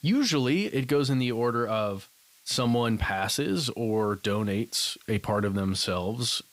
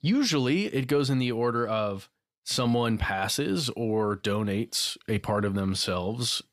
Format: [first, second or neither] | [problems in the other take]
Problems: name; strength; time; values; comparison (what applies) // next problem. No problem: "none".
second | hiss; faint; throughout; 30 dB below the speech